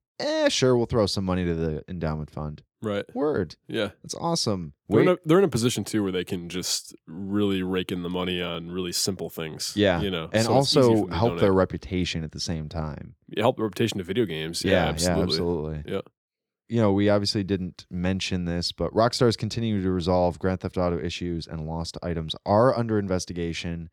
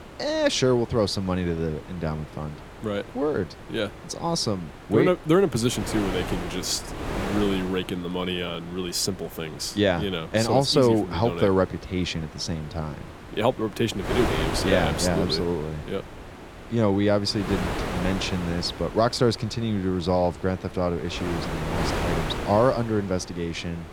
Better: first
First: none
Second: wind noise on the microphone; heavy; 9 dB below the speech

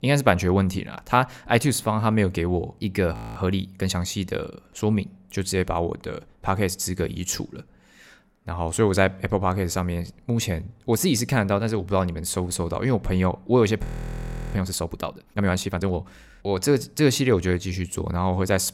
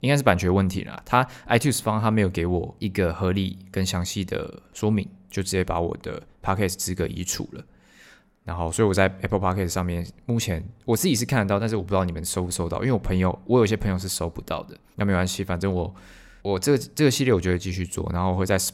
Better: second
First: audio freezing; at 3 s and at 14 s for 0.5 s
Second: none

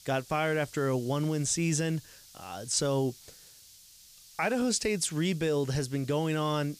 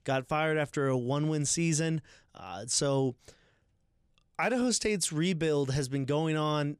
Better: second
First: hiss; faint; throughout; 20 dB below the speech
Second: none

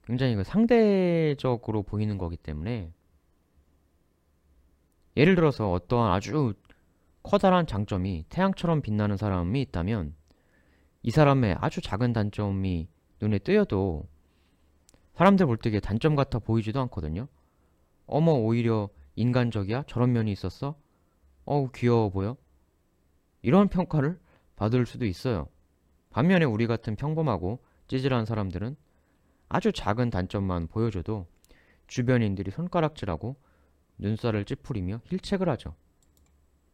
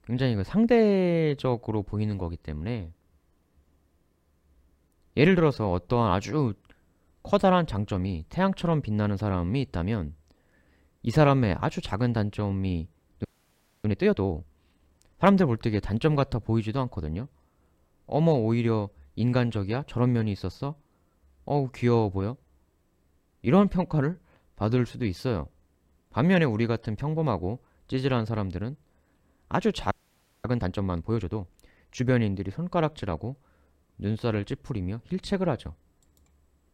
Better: first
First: none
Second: audio freezing; at 13 s for 0.5 s and at 30 s for 0.5 s

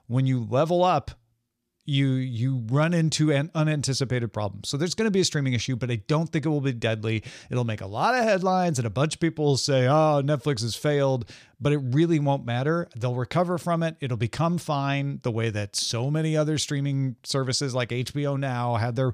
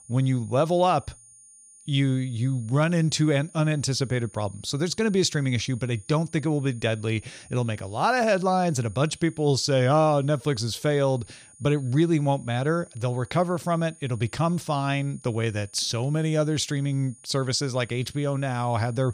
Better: first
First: none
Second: high-pitched whine; faint; throughout; 9 kHz, 25 dB below the speech

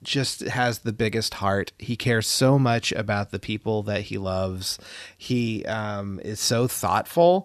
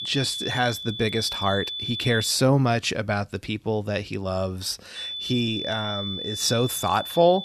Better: first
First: none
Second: high-pitched whine; loud; until 2.5 s and from 5 s on; 3.5 kHz, 5 dB below the speech

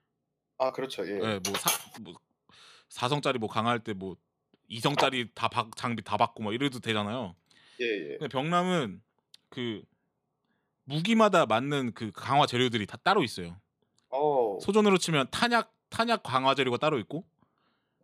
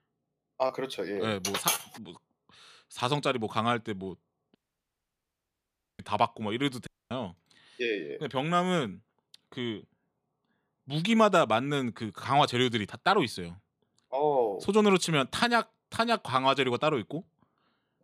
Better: first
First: none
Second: audio cutting out; at 4.5 s for 1.5 s and at 7 s

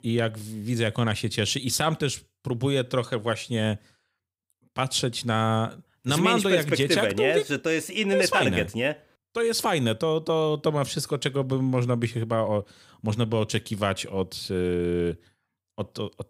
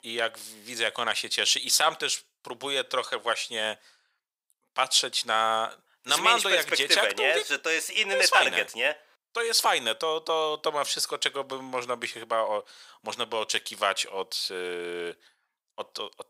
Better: first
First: none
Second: thin; very; fading below 800 Hz

